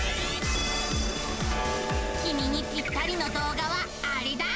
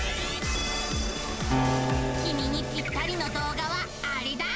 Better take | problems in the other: first | background sound (Acoustic guitar); 5 dB below the speech

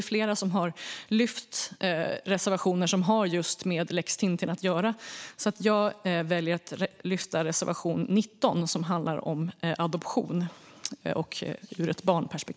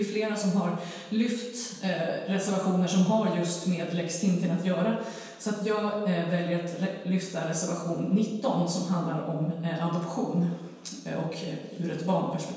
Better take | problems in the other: first | room echo; dies away in 1.2 s

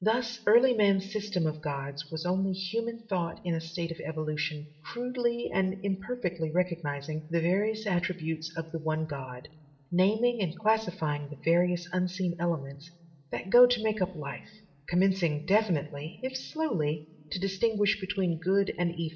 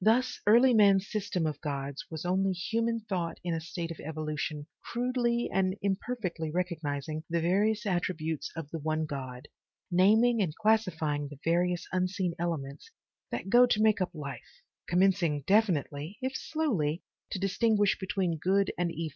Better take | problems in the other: second | room echo; dies away in 1.4 s

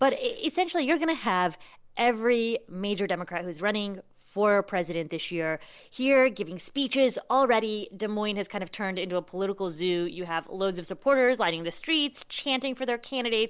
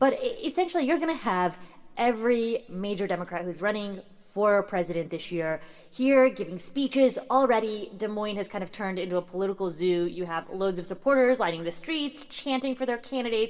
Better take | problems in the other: first | room echo; dies away in 1.4 s

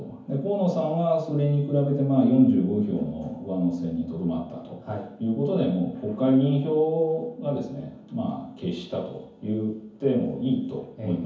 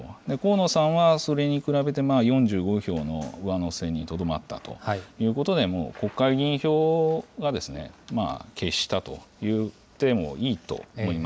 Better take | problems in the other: second | room echo; dies away in 0.7 s

